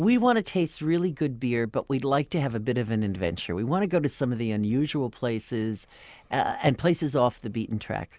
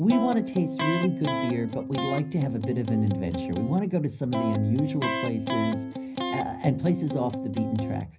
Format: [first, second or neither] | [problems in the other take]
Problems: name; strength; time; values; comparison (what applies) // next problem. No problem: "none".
first | background sound (Electric guitar); 4 dB below the speech // room echo; dies away in 0.5 s